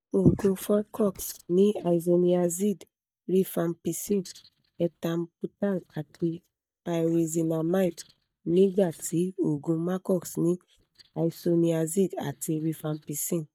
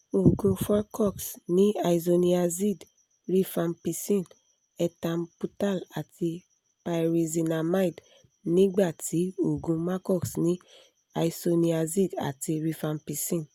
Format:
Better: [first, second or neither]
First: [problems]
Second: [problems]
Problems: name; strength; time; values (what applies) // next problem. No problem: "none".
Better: second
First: noise reduction (neural mask model DeepFilterNet 3)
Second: none